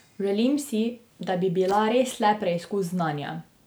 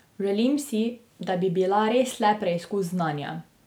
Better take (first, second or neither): second